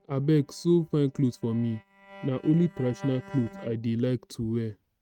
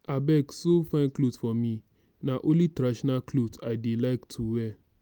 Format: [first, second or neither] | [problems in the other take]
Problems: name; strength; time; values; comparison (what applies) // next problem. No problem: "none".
second | noise reduction (neural mask model RNNoise)